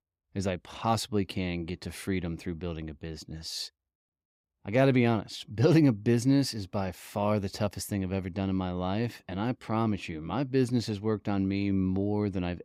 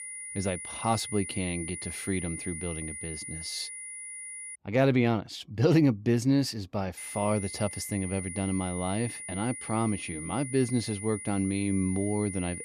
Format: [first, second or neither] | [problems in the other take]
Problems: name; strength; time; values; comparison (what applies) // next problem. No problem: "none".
first | high-pitched whine; loud; until 4.5 s and from 7 s on; 9.5 kHz, 8 dB below the speech